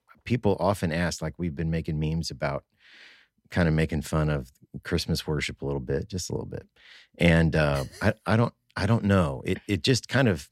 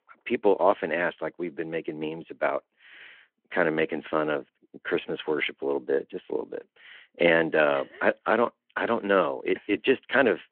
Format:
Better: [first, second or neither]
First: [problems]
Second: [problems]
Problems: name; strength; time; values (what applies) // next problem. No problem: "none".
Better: first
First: none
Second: phone-call audio